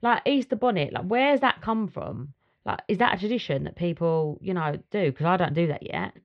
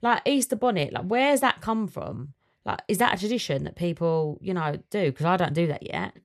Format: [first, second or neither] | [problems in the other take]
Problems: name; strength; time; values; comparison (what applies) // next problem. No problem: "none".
second | muffled; slightly; fading above 3.5 kHz